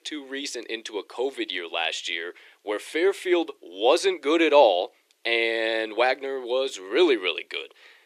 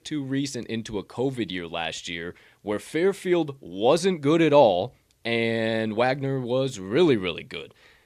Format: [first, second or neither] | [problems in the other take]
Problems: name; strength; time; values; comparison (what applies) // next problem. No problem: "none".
second | thin; somewhat; fading below 350 Hz